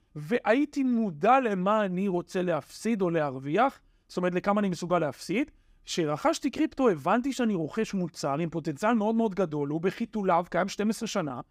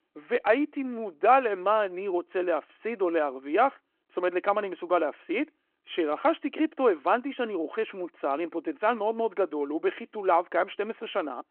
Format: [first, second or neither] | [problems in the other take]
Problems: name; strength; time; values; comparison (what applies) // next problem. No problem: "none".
first | phone-call audio